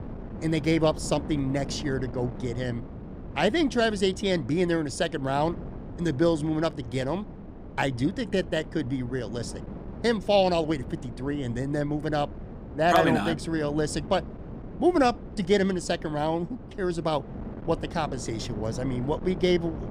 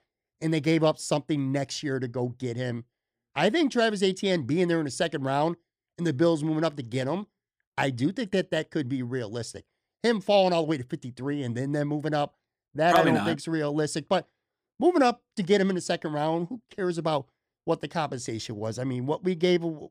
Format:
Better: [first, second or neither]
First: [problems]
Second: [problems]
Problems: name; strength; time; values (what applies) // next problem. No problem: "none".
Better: second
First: wind noise on the microphone; occasional gusts; 15 dB below the speech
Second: none